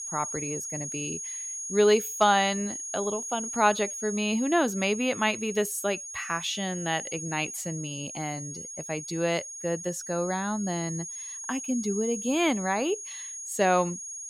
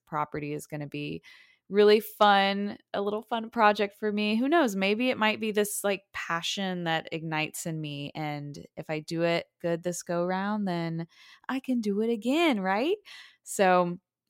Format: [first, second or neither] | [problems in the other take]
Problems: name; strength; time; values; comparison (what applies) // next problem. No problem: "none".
second | high-pitched whine; loud; throughout; 6.5 kHz, 7 dB below the speech